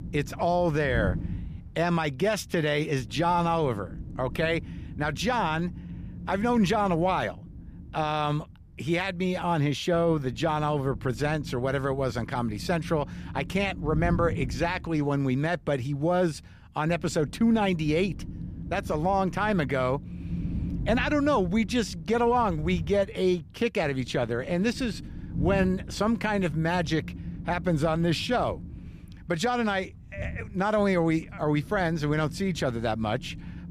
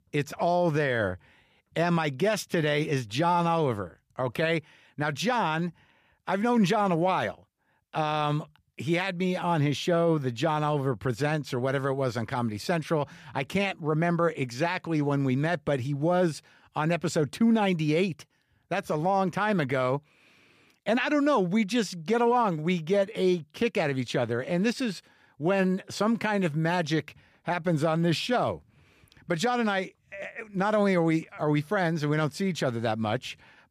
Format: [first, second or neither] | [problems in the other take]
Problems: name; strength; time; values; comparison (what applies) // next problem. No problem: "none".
second | wind noise on the microphone; occasional gusts; 20 dB below the speech